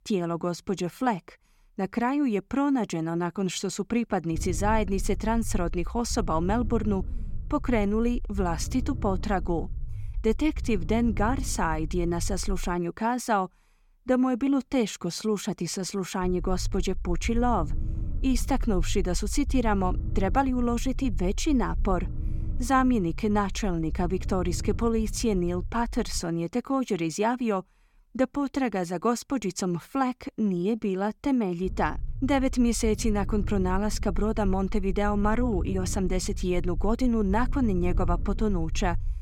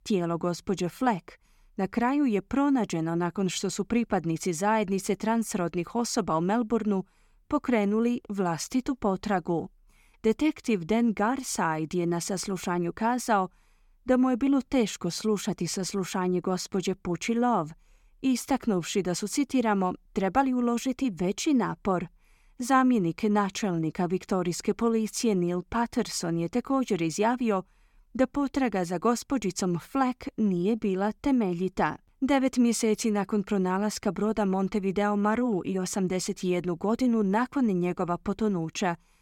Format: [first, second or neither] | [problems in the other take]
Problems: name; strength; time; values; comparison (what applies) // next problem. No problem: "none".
second | low rumble; faint; from 4.5 to 13 s, from 16 to 26 s and from 32 s on; 20 dB below the speech